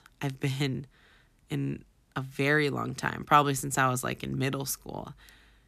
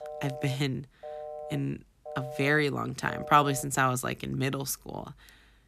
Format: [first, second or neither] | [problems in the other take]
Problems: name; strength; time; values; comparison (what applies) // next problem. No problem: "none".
first | phone ringing; faint; until 3.5 s; peak 10 dB below the speech